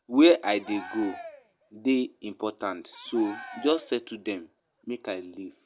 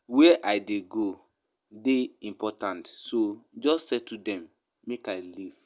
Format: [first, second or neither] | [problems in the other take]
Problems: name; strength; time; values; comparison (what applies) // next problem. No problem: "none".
second | background sound (Cheering); 18 dB below the speech